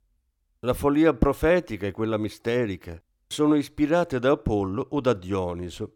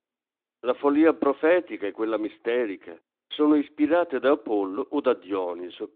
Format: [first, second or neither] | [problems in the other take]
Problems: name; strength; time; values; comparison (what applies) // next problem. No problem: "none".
first | phone-call audio; nothing above 3.5 kHz